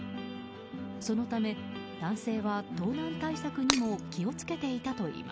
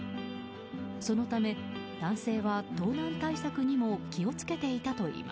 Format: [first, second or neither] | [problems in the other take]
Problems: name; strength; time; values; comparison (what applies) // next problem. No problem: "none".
second | background sound (Shatter); as loud as the speech